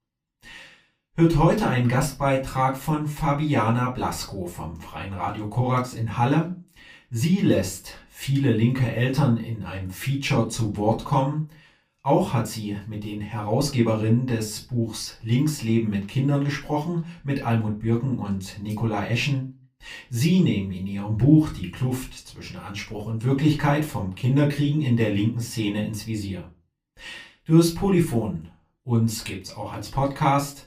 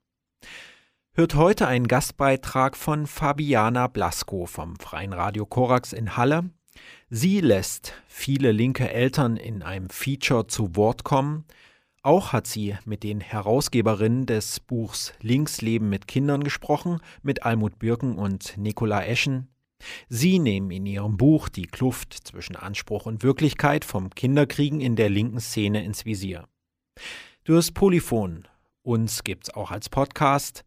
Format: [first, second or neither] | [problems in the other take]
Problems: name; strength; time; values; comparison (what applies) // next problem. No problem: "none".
second | off-mic speech; far // room echo; very slight; dies away in 0.3 s